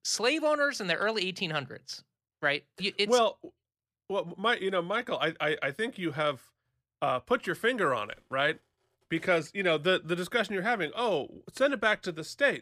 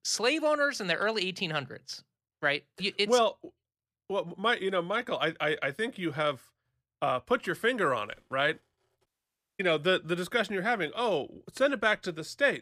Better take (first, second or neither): first